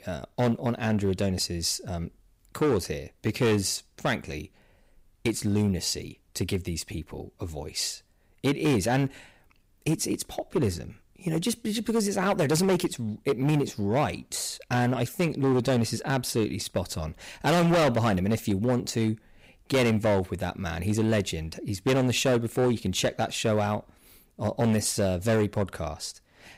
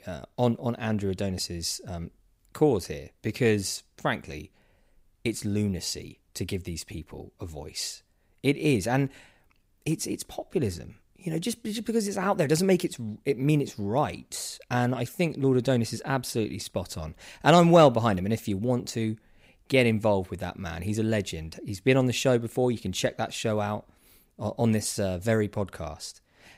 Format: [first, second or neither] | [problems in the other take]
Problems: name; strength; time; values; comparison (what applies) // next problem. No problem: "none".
second | distortion; heavy; 7% of the sound clipped